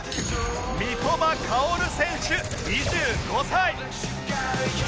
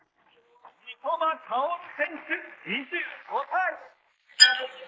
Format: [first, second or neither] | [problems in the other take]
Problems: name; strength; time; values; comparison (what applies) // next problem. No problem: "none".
first | noise reduction (neural mask model Resemble Enhance denoiser)